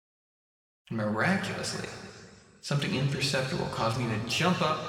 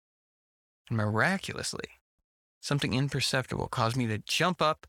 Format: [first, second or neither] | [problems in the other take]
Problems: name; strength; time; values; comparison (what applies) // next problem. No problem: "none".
second | room echo; noticeable; dies away in 2 s // off-mic speech; somewhat distant